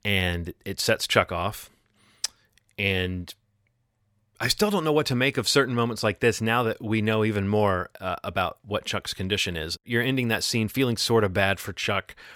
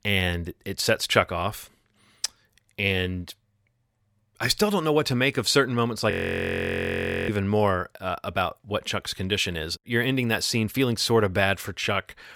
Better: first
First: none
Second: audio freezing; at 6 s for 1 s

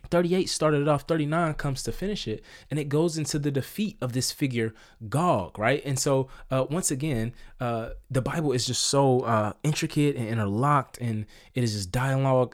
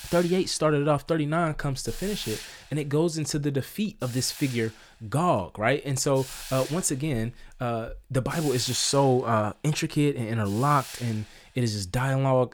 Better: first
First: none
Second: hiss; noticeable; throughout; 15 dB below the speech

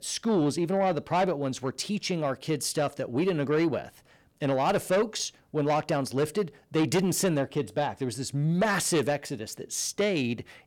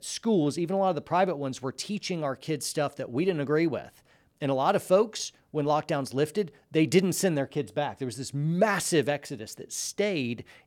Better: second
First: distortion; slight; 10 dB below the speech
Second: none

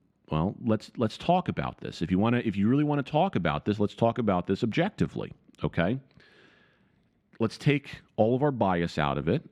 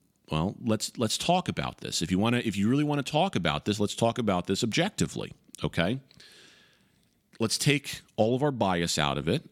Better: second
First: muffled; very; fading above 4 kHz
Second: none

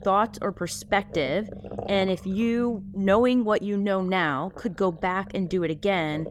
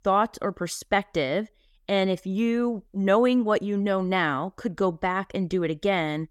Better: second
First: low rumble; noticeable; throughout; 20 dB below the speech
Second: none

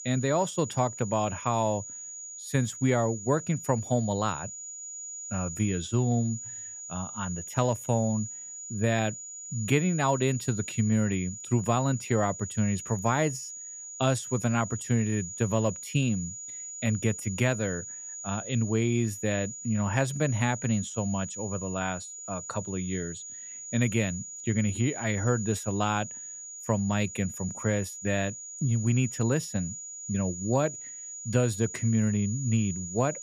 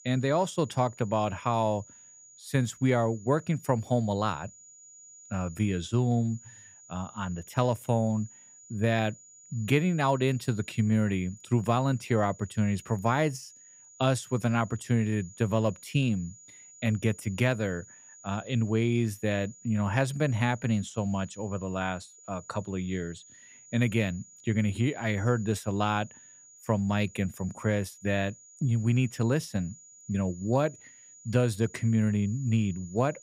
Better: second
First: high-pitched whine; loud; throughout; 7 kHz, 9 dB below the speech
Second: high-pitched whine; faint; throughout; 7 kHz, 20 dB below the speech

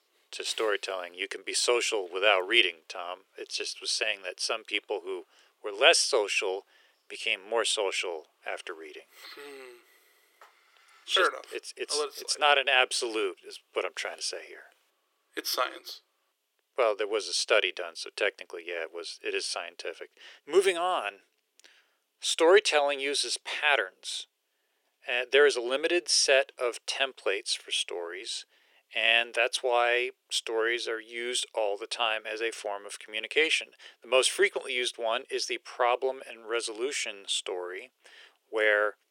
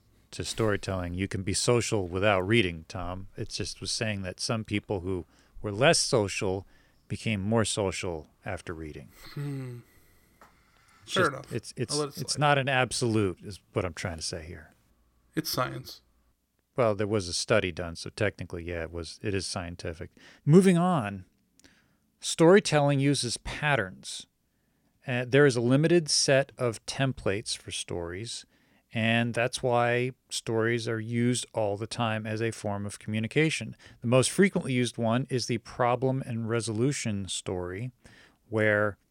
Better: second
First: thin; very; fading below 400 Hz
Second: none

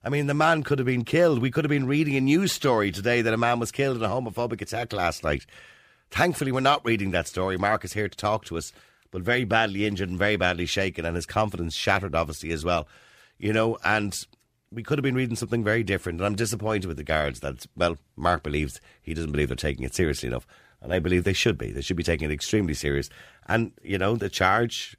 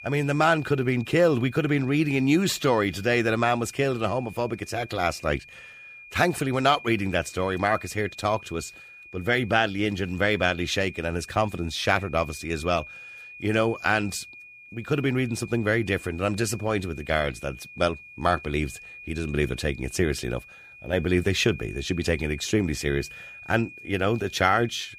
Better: first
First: none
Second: high-pitched whine; noticeable; throughout; 2.5 kHz, 15 dB below the speech

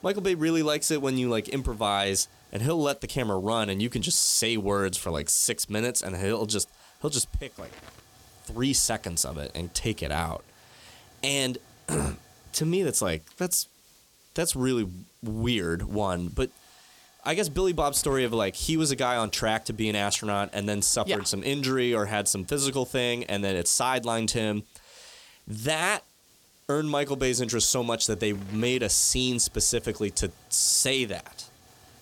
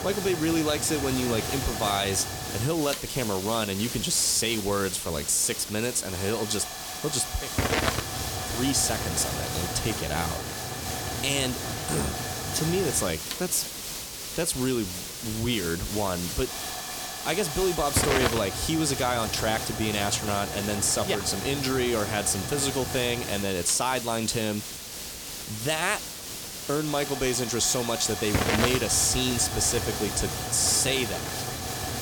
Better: first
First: hiss; faint; throughout; 30 dB below the speech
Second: hiss; loud; throughout; 4 dB below the speech

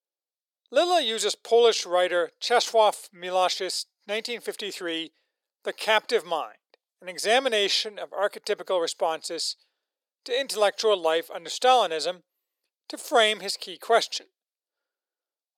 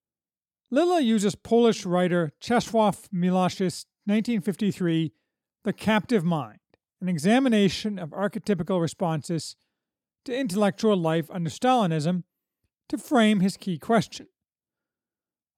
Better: second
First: thin; very; fading below 450 Hz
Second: none

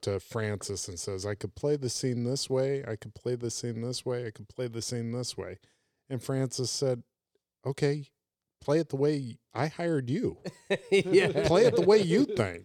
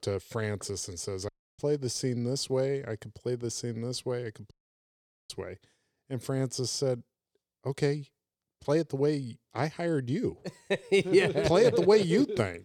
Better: first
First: none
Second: audio cutting out; at 1.5 s and at 4.5 s for 1 s

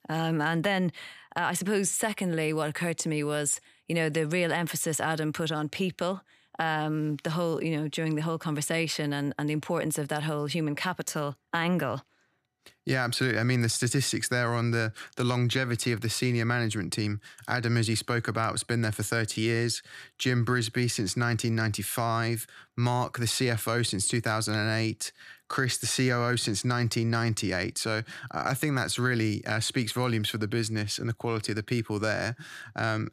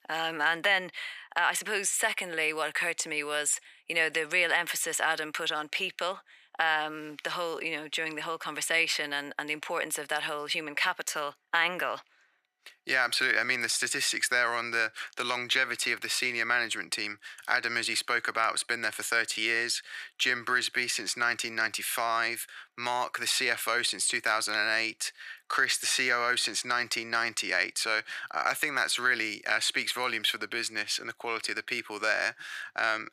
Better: first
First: none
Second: thin; very; fading below 550 Hz

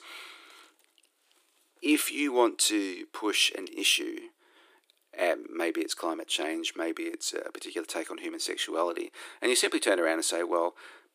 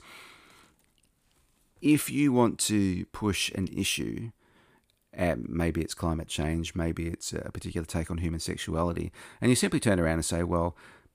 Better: second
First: thin; somewhat; fading below 300 Hz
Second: none

